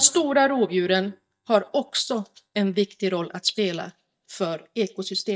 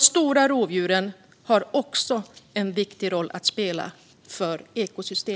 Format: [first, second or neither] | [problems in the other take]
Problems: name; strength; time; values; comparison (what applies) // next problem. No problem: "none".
second | noise reduction (neural mask model DeepFilterNet 3)